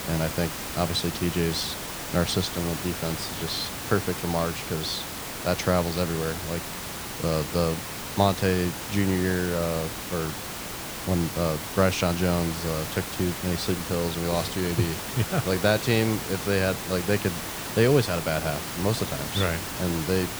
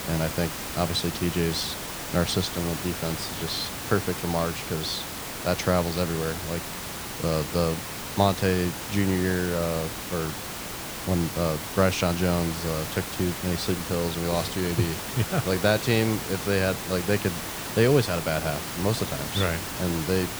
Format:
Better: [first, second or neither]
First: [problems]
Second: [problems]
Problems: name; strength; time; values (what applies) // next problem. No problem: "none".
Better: neither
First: hiss; loud; throughout; 5 dB below the speech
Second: hiss; loud; throughout; 5 dB below the speech